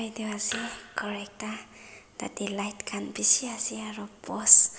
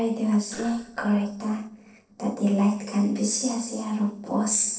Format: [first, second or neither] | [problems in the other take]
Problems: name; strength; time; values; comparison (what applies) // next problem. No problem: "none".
first | noise reduction (neural separator model SepFormer DNS4)